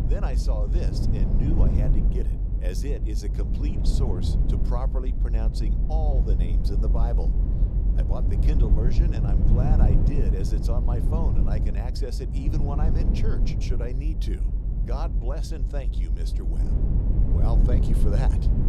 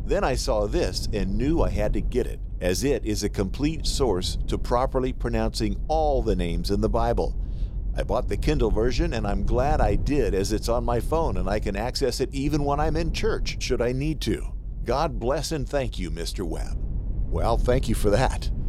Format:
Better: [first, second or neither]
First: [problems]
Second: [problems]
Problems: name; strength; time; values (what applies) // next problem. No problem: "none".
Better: second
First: low rumble; loud; throughout; 1 dB below the speech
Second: low rumble; faint; throughout; 20 dB below the speech